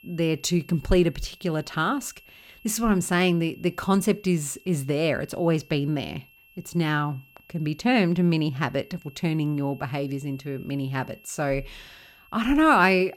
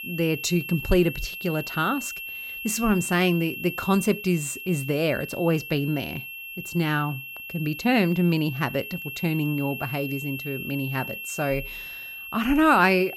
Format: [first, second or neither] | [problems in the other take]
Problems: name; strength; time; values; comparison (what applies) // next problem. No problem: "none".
first | high-pitched whine; loud; throughout; 2.5 kHz, 9 dB below the speech; faint in the first